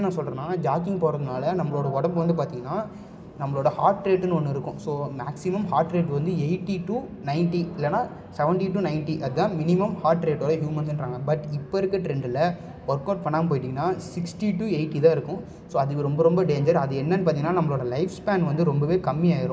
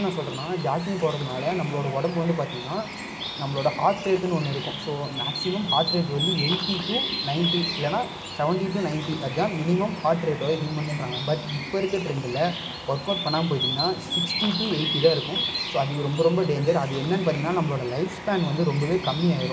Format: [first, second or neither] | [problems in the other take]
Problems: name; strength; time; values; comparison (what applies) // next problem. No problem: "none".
first | background sound (Bird); 7 dB below the speech